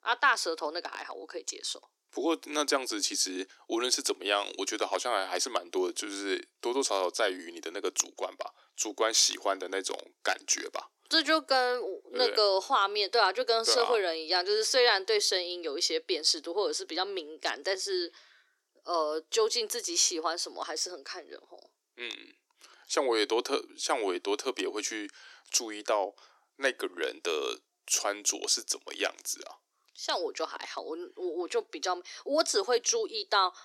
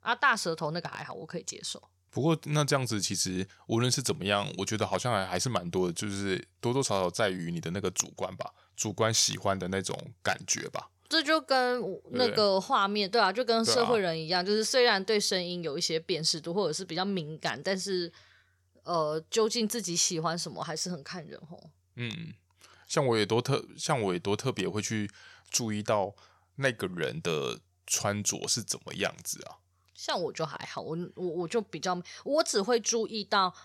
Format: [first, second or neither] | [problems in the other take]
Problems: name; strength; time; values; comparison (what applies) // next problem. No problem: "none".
second | thin; somewhat; fading below 300 Hz